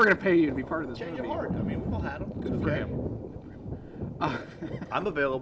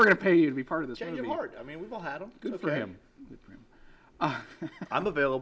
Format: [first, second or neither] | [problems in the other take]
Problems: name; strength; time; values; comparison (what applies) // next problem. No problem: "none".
second | background sound (Thunder); 5 dB below the speech